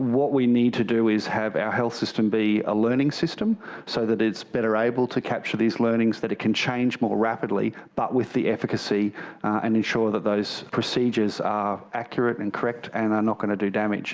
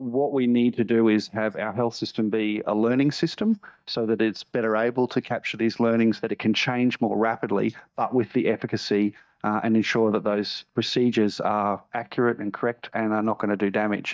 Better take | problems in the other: first | noise reduction (neural mask model DeepFilterNet 3)

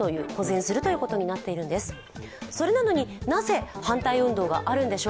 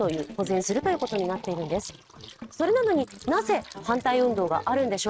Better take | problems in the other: first | noise reduction (neural mask model RNNoise)

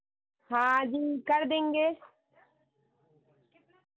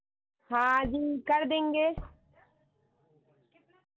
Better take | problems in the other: first | background sound (Tap / Bass drum); 16 dB below the speech

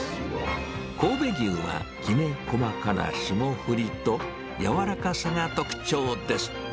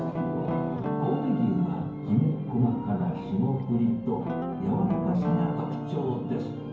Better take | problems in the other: first | background sound (Guitar); 6 dB below the speech // room echo; dies away in 0.9 s

